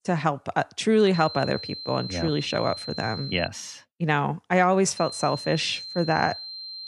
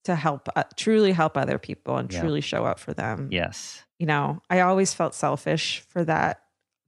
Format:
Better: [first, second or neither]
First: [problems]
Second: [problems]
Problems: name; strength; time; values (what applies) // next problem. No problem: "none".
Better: second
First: high-pitched whine; noticeable; from 1 to 3.5 s and from 5 s on; 4 kHz, 10 dB below the speech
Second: none